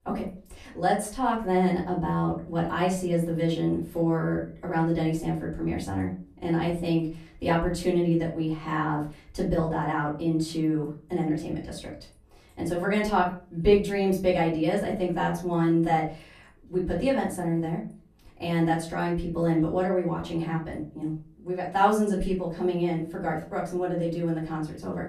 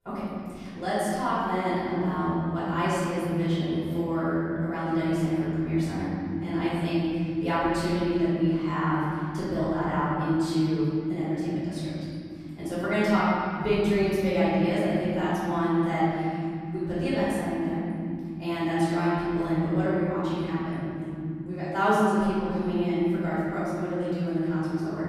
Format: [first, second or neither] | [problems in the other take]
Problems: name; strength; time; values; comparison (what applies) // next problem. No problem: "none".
first | room echo; strong; dies away in 3 s; slight in the first // off-mic speech; far; far in the first